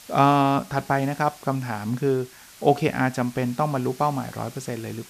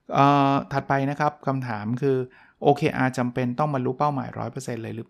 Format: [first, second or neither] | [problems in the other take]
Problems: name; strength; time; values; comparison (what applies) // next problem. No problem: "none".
second | hiss; faint; throughout; 20 dB below the speech